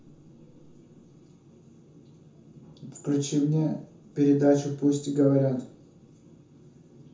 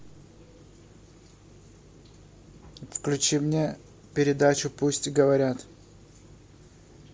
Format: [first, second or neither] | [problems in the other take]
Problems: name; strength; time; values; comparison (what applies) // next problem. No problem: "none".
second | room echo; dies away in 0.6 s